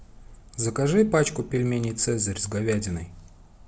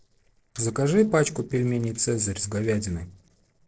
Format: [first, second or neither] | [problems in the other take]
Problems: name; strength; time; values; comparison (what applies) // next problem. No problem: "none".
first | noise reduction (neural separator model SepFormer DNS4)